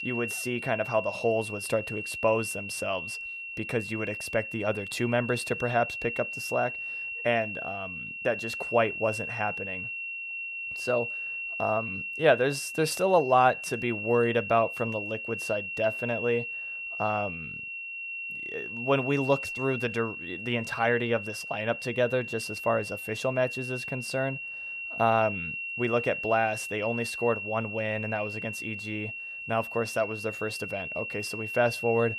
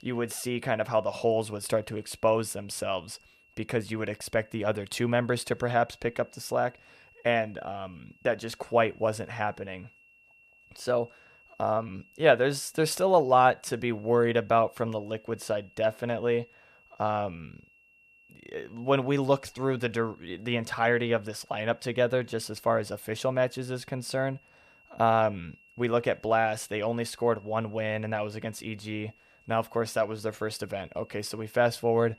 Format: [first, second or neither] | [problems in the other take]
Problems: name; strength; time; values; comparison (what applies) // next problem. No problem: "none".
second | high-pitched whine; loud; throughout; 2.5 kHz, 5 dB below the speech; faint in the second